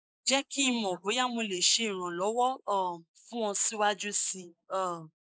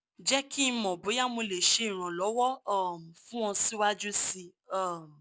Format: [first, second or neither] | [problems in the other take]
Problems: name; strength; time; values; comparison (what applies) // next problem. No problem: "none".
second | noise reduction (neural mask model Resemble Enhance denoiser)